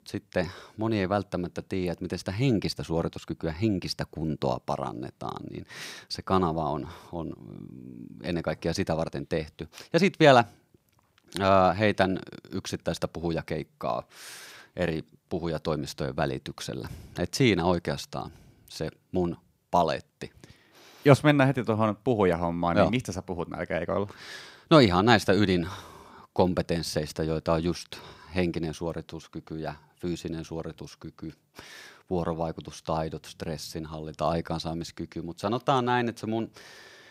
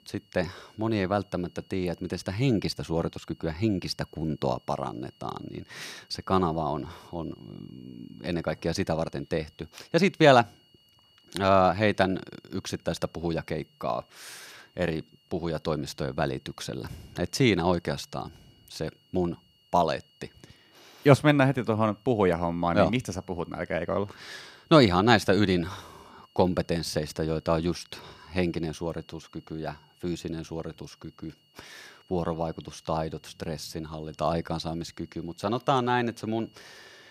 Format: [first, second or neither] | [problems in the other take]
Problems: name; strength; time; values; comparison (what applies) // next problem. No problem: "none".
first | high-pitched whine; faint; throughout; 3 kHz, 35 dB below the speech